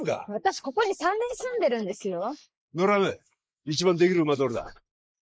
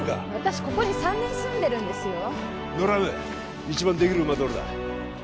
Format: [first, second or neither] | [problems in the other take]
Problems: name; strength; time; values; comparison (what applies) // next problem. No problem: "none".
second | noise reduction (neural mask model Resemble Enhance denoiser)